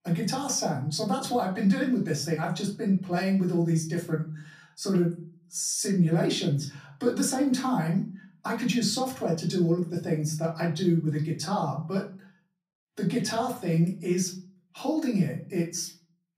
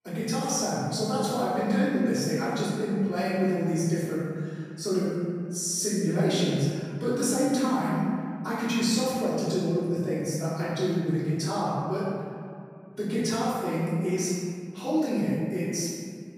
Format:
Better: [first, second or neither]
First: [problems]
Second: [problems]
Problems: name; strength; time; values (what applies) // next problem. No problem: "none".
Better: first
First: room echo; slight; dies away in 0.4 s // off-mic speech; far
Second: room echo; strong; dies away in 2.2 s // off-mic speech; far